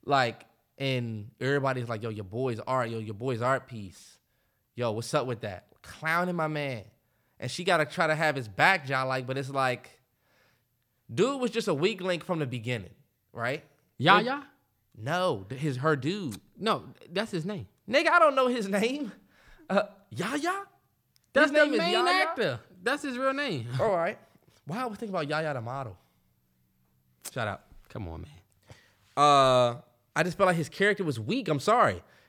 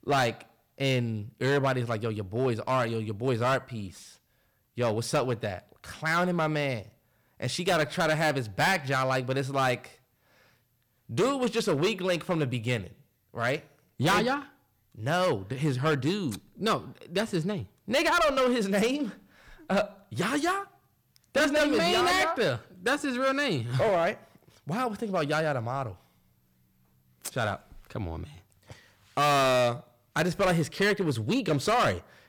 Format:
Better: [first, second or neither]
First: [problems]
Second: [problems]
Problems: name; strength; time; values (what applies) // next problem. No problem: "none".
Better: first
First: none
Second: distortion; heavy; 8% of the sound clipped